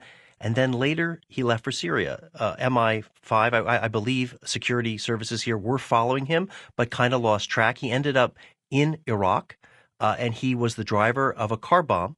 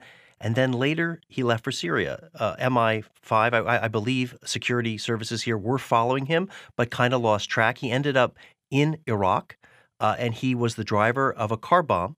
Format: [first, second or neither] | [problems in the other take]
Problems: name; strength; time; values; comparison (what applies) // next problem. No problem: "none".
second | garbled, watery; slightly